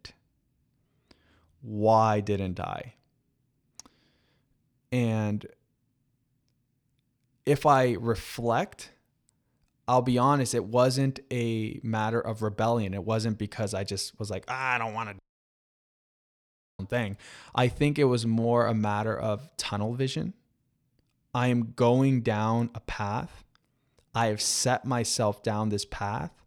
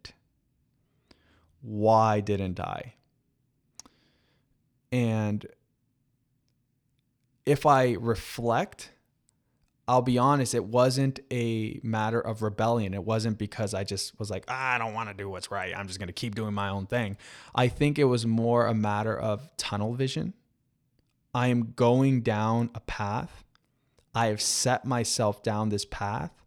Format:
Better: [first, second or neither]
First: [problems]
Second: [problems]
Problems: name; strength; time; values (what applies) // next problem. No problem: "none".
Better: second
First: audio cutting out; at 15 s for 1.5 s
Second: none